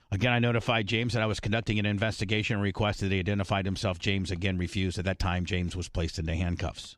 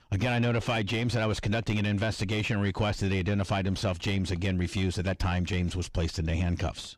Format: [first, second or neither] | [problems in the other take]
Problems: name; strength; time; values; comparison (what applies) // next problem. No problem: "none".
first | distortion; slight; 10 dB below the speech